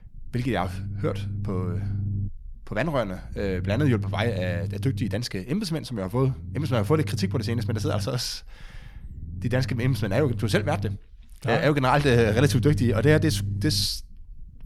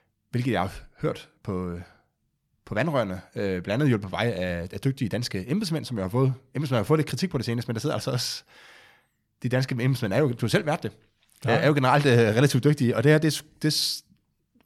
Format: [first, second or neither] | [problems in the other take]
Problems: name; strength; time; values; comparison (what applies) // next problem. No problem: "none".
second | low rumble; noticeable; throughout; 15 dB below the speech